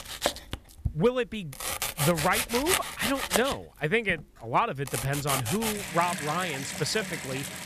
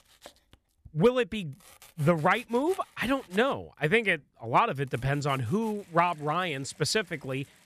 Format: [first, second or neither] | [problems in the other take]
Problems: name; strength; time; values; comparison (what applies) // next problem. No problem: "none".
second | household noises; loud; throughout; 2 dB below the speech; faint in the second